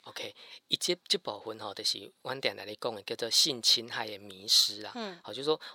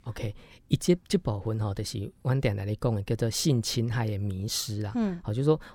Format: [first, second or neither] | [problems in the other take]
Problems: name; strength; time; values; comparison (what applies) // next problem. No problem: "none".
second | thin; very; fading below 550 Hz